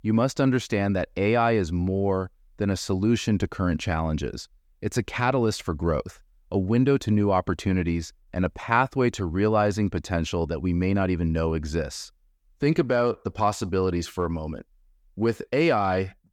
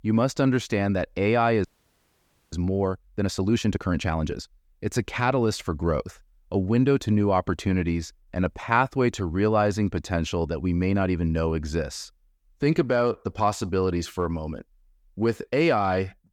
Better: first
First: none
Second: audio freezing; at 1.5 s for 1 s

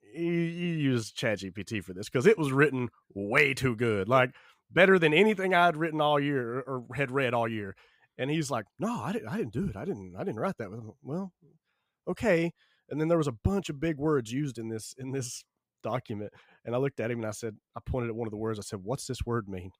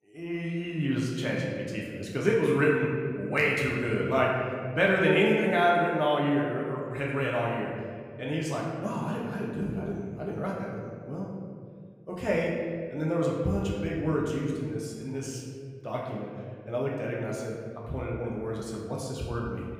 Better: first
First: none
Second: room echo; noticeable; dies away in 1.9 s // off-mic speech; far

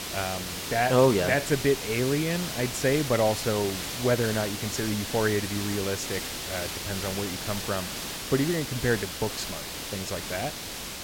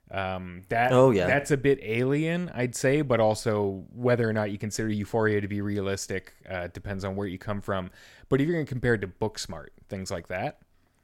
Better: second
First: hiss; loud; throughout; 5 dB below the speech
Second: none

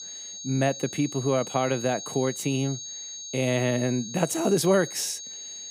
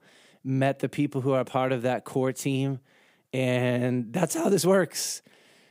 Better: second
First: high-pitched whine; loud; throughout; 6.5 kHz, 9 dB below the speech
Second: none

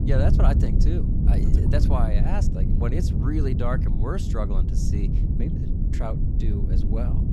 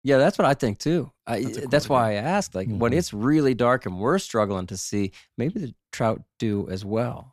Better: second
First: low rumble; loud; throughout; 3 dB below the speech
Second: none

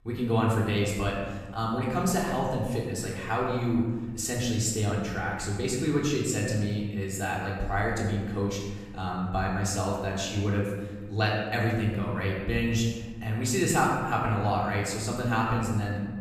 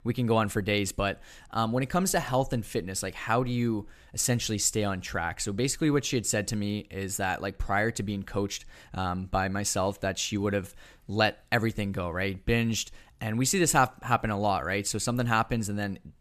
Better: second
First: off-mic speech; far // room echo; noticeable; dies away in 1.4 s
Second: none

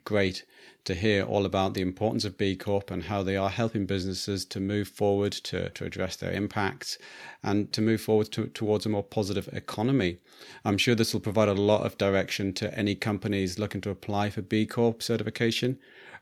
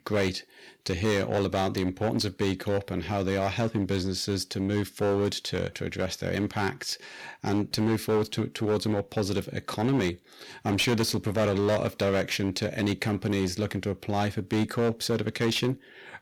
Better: first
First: none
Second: distortion; slight; 10% of the sound clipped

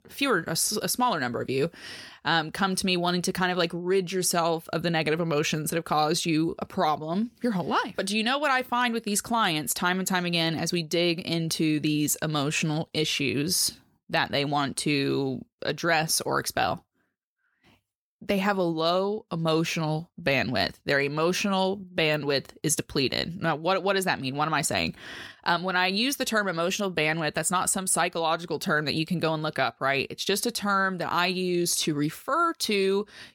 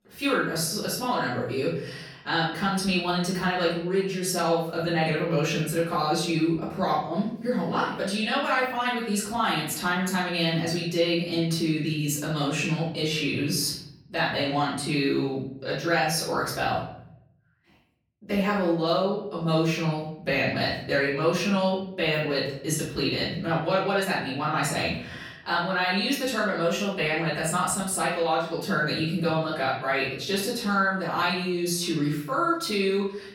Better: first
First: none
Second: off-mic speech; far // room echo; noticeable; dies away in 0.7 s

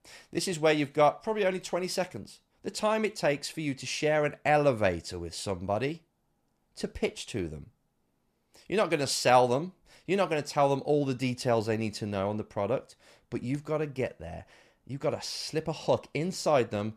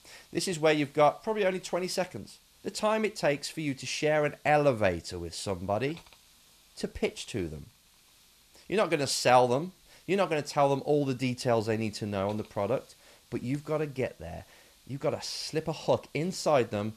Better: first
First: none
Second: hiss; faint; throughout; 30 dB below the speech

